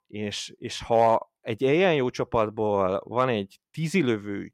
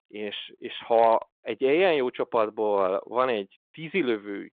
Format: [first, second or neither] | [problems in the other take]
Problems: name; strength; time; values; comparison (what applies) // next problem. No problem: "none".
first | phone-call audio